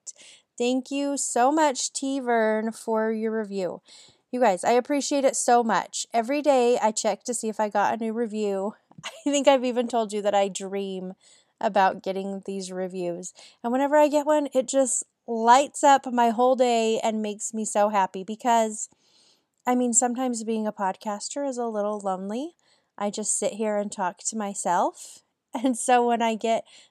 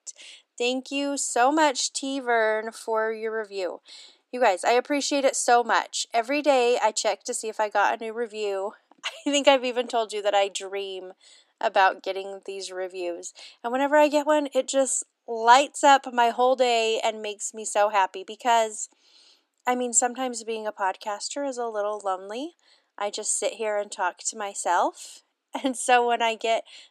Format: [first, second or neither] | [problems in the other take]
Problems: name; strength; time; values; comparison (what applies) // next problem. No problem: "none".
first | thin; very slightly; fading below 300 Hz